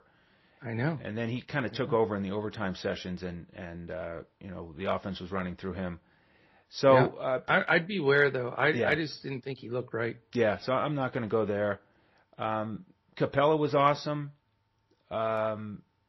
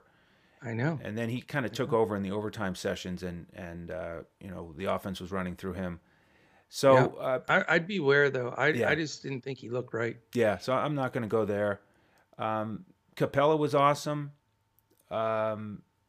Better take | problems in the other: second | garbled, watery; slightly; nothing above 5.5 kHz

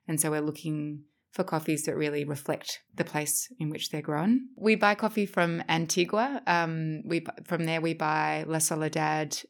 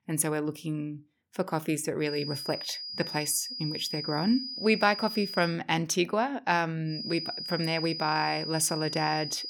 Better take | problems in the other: first | high-pitched whine; loud; from 2 to 5.5 s and from 7 s on; 5 kHz, 6 dB below the speech

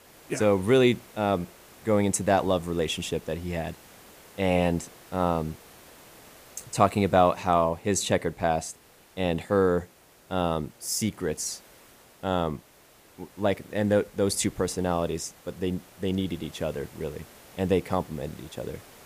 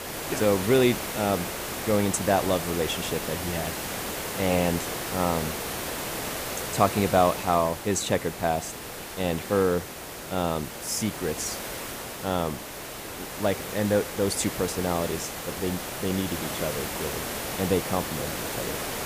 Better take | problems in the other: first | hiss; loud; throughout; 5 dB below the speech; faint in the first

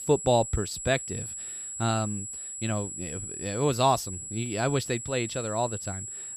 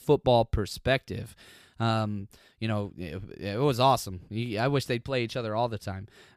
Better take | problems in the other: second | high-pitched whine; loud; throughout; 7.5 kHz, 6 dB below the speech

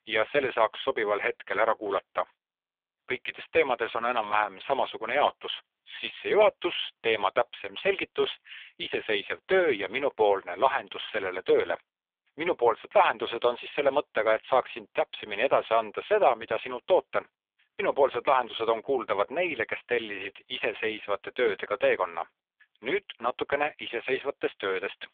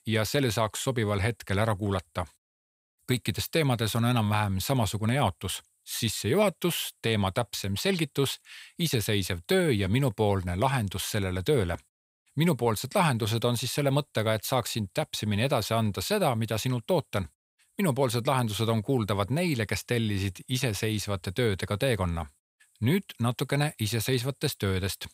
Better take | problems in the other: second | phone-call audio; poor line; nothing above 3.5 kHz

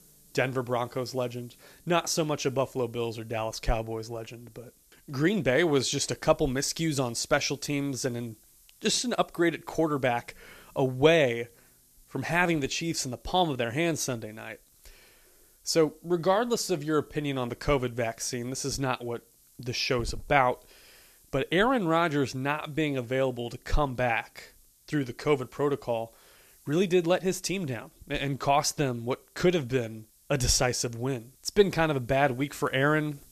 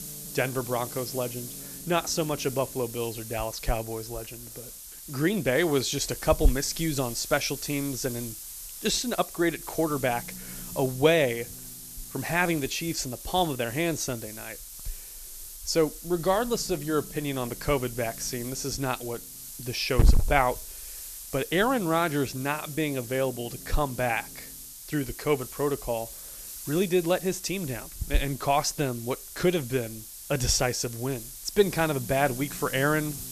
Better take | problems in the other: first | hiss; loud; throughout; 9 dB below the speech; faint in the first

